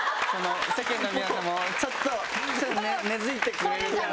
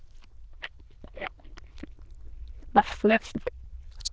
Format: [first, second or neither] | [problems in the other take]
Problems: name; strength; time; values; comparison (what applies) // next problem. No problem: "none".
first | noise reduction (neural diffusion model UNIVERSE++)